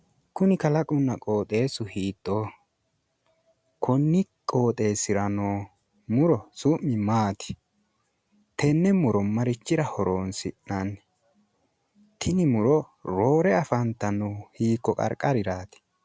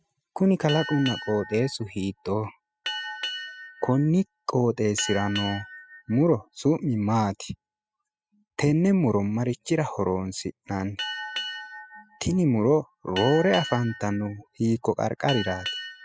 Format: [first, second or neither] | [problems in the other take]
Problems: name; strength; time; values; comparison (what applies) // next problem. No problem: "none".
first | noise reduction (classical method spectral subtraction)